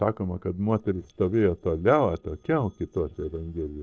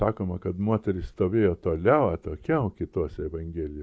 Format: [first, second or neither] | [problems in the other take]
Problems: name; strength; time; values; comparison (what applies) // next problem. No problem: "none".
second | noise reduction (neural separator model SepFormer DNS4)